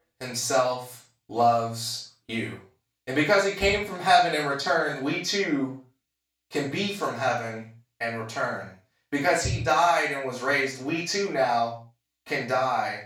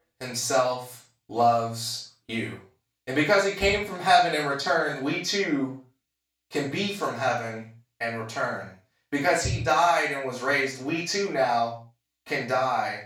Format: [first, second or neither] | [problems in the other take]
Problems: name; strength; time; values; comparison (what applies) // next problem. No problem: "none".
neither | room echo; noticeable; dies away in 0.3 s; the same in both // off-mic speech; far; the same in both